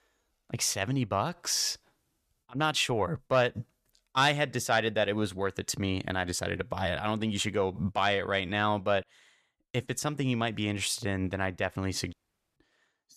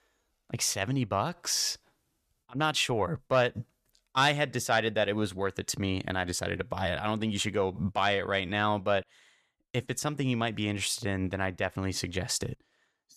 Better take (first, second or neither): second